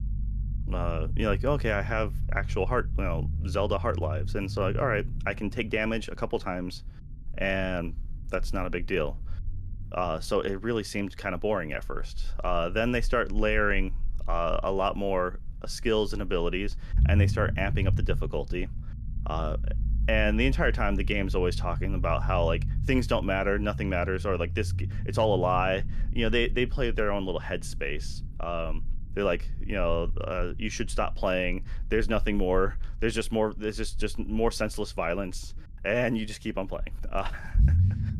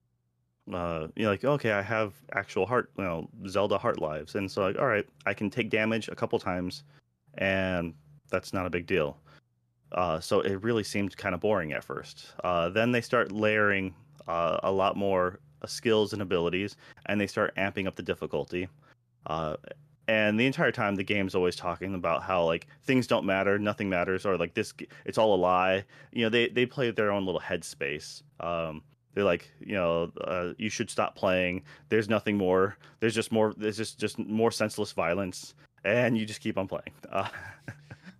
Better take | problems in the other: second | low rumble; noticeable; throughout; 20 dB below the speech

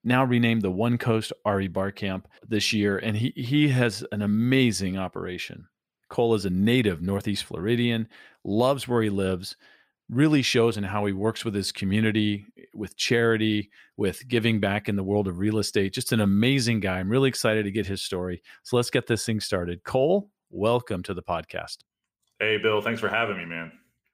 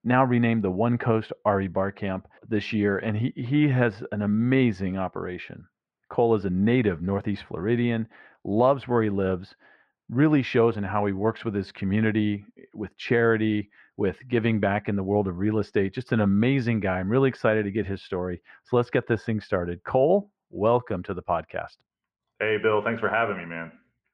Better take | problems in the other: first | muffled; very; fading above 1.5 kHz

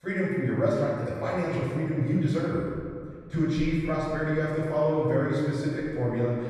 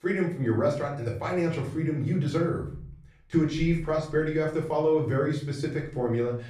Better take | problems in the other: second | room echo; strong; dies away in 1.9 s; slight in the second // off-mic speech; far; far in the second

